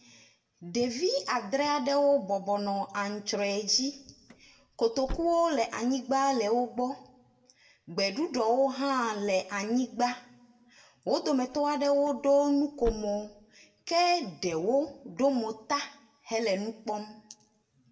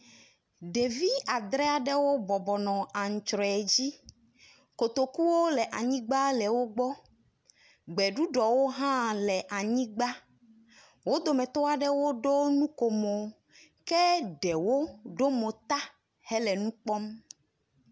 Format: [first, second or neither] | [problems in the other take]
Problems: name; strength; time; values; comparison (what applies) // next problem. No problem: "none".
second | background sound (Slam / Car); 14 dB below the speech // room echo; dies away in 0.5 s